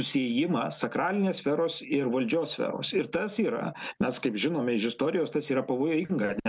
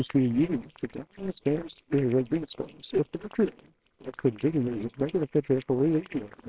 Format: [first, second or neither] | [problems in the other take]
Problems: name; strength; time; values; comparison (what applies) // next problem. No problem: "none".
first | noise reduction (neural separator model SepFormer WHAMR!)